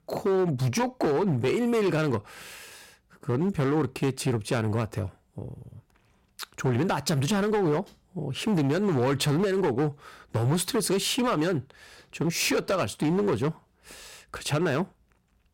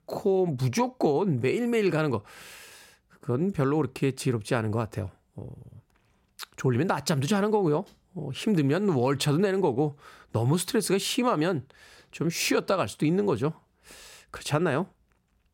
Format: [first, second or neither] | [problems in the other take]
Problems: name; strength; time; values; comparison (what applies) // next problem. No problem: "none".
second | distortion; slight; 11% of the sound clipped